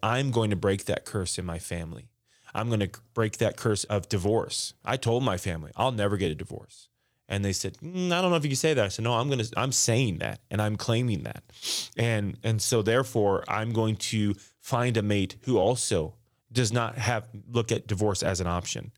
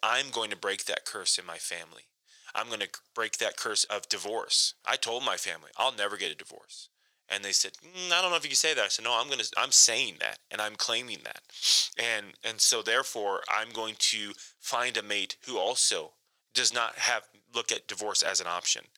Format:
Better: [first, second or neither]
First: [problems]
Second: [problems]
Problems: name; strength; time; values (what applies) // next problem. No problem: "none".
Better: first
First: none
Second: thin; very; fading below 650 Hz